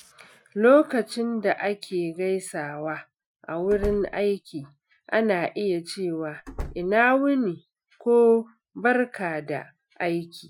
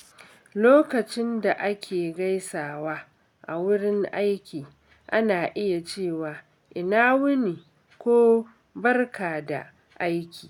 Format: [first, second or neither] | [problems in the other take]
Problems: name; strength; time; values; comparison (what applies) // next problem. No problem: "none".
second | noise reduction (classical method Wiener filter)